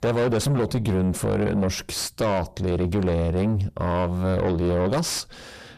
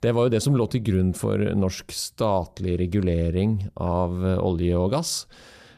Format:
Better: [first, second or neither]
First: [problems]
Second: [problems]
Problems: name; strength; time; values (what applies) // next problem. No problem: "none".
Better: second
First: distortion; heavy; 4 dB below the speech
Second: none